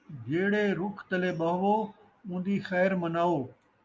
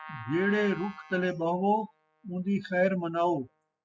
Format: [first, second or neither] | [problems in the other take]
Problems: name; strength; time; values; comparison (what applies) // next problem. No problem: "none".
first | noise reduction (classical method spectral subtraction)